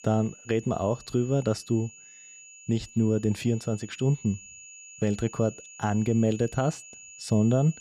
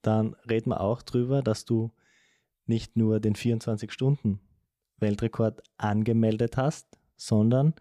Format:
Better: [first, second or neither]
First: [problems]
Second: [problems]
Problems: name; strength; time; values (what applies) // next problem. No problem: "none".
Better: second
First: high-pitched whine; noticeable; throughout; 7 kHz, 20 dB below the speech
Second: none